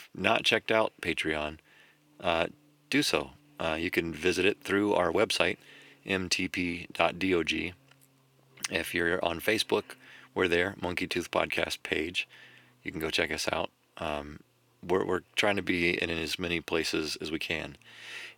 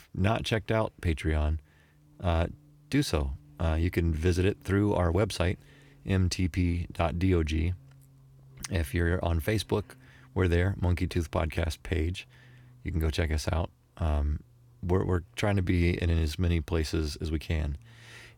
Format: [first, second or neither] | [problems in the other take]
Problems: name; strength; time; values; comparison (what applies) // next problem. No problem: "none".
second | thin; somewhat; fading below 300 Hz